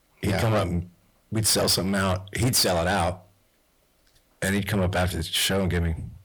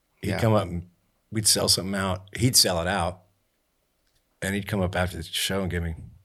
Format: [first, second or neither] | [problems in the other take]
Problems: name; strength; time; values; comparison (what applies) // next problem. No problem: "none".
second | distortion; heavy; 6 dB below the speech